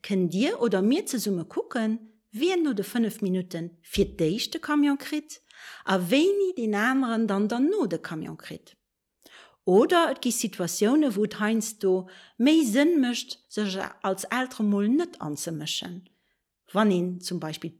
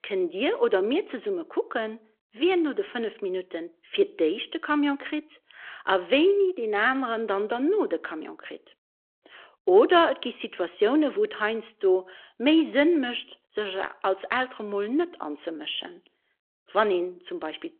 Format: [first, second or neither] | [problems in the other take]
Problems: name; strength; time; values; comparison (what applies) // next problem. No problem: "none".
first | phone-call audio